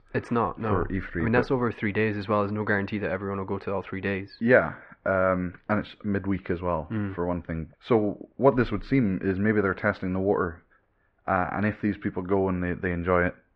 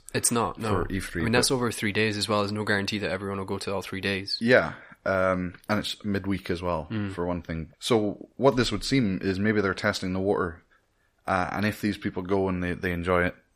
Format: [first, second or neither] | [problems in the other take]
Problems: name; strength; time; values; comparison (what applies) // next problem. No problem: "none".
second | muffled; very; fading above 2 kHz